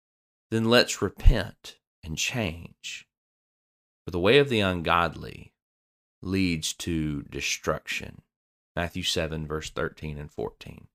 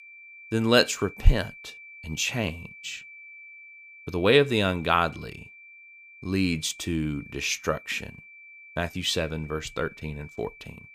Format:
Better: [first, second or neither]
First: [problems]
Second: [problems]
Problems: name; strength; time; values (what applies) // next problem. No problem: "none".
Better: first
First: none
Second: high-pitched whine; noticeable; throughout; 2.5 kHz, 20 dB below the speech